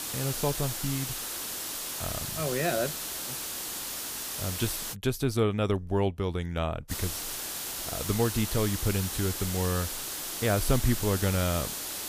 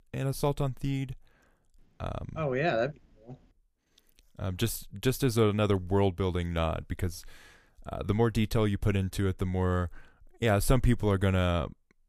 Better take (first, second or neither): second